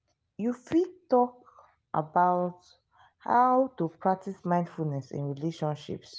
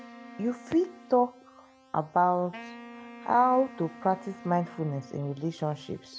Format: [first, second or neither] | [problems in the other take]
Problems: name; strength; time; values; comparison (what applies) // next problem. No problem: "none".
first | background sound (Wind instrument, woodwind instrument + Keyboard (musical)); 18 dB below the speech